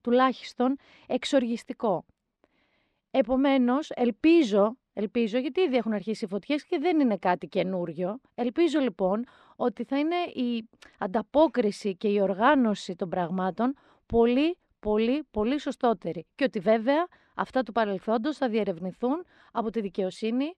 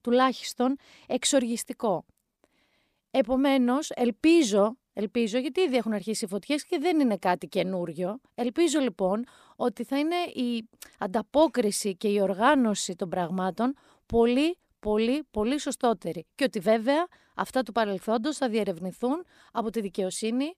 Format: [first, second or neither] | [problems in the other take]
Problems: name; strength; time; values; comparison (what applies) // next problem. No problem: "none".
second | muffled; slightly; fading above 3.5 kHz